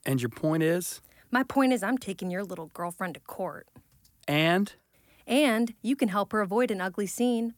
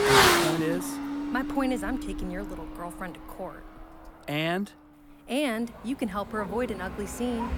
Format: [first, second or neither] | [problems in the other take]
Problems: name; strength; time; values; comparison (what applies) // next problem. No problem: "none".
first | traffic noise; very loud; throughout; 4 dB above the speech